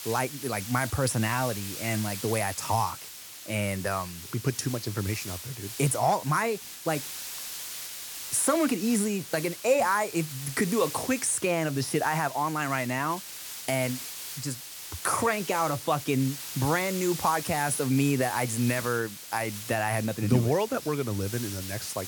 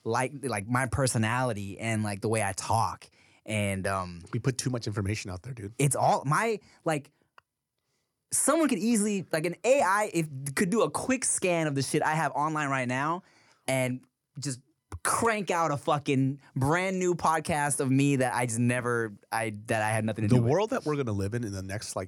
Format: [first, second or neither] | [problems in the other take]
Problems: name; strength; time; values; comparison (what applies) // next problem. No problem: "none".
second | hiss; loud; throughout; 9 dB below the speech